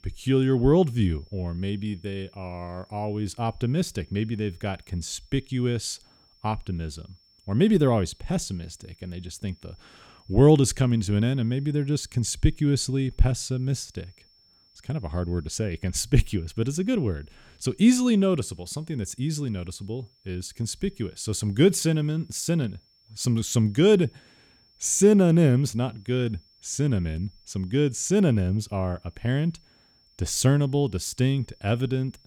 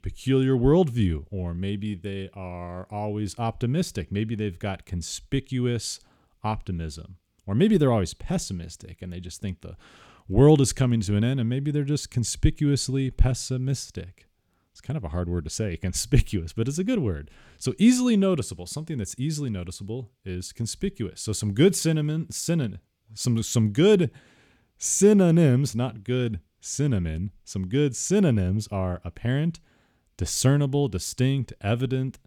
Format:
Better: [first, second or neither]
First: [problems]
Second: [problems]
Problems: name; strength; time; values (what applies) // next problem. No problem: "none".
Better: second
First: high-pitched whine; faint; throughout; 5.5 kHz, 35 dB below the speech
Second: none